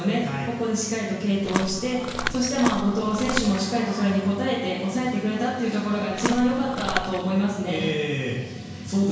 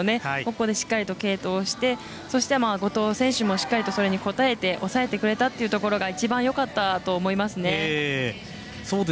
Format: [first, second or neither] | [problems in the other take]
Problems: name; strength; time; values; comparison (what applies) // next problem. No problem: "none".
second | background sound (Walk, footsteps); 6 dB below the speech // room echo; dies away in 1 s